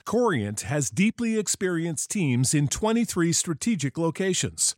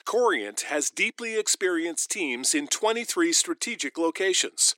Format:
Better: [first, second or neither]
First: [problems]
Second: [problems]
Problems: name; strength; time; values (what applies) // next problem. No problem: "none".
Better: first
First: none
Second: thin; very; fading below 300 Hz